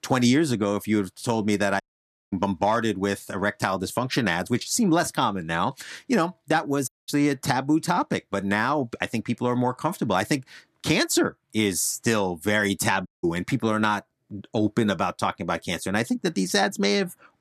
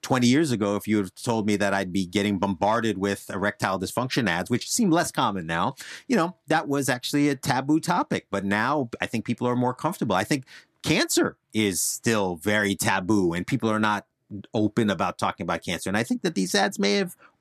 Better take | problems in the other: second | audio cutting out; at 2 s for 0.5 s, at 7 s and at 13 s

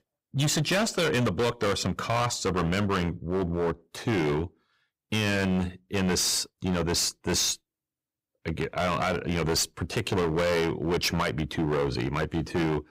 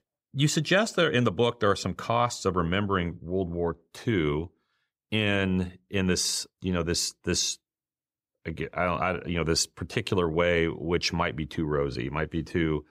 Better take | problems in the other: second | distortion; heavy; 19% of the sound clipped

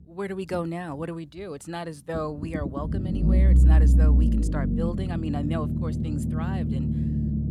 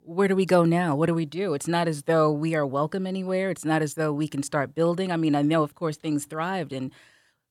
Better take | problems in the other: second | low rumble; loud; throughout; 1 dB below the speech

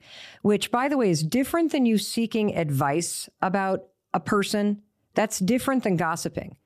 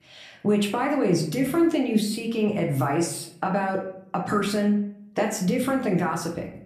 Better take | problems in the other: first | room echo; slight; dies away in 0.5 s // off-mic speech; somewhat distant

